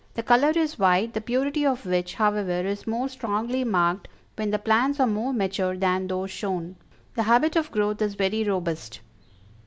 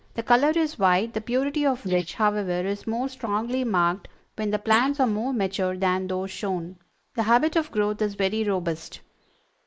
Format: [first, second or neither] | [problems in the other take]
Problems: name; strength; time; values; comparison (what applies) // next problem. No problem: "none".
first | noise reduction (neural mask model Resemble Enhance denoiser)